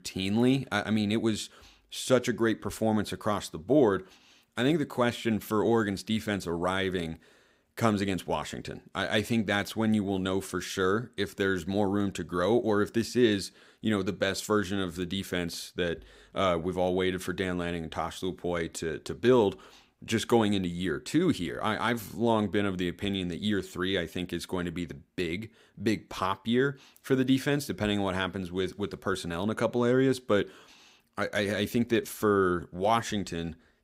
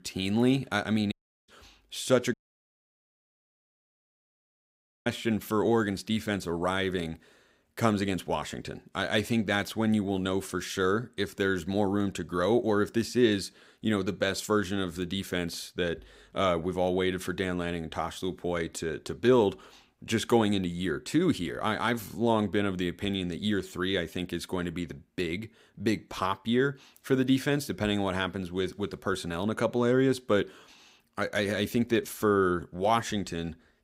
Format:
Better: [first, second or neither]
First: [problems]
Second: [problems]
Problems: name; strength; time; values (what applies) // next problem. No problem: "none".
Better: first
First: none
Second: audio cutting out; at 1 s and at 2.5 s for 2.5 s